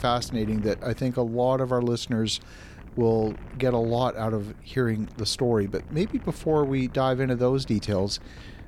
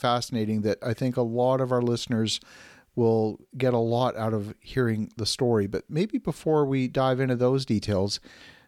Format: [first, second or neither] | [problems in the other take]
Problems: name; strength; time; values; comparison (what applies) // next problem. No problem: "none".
second | wind noise on the microphone; occasional gusts; 25 dB below the speech